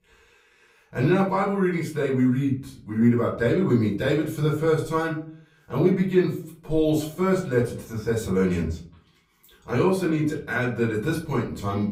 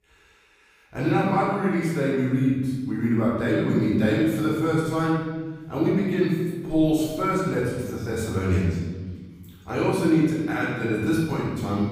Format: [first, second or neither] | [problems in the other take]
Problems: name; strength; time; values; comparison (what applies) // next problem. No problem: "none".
first | room echo; strong; dies away in 1.4 s; slight in the first // off-mic speech; far; far in the first